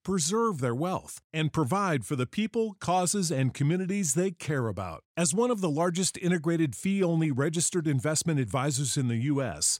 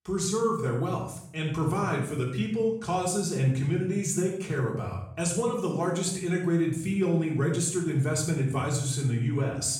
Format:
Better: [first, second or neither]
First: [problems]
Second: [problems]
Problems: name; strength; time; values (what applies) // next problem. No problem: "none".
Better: first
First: none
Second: off-mic speech; far // room echo; noticeable; dies away in 0.6 s